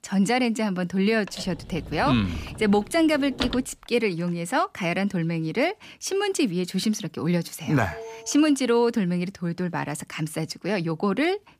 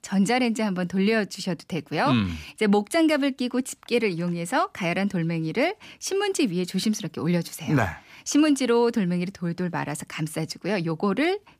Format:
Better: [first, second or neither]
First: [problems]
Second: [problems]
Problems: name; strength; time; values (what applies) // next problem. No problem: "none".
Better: second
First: door banging; noticeable; from 1.5 to 3.5 s; peak 6 dB below the speech // alarm; faint; at 8 s; peak 15 dB below the speech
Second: none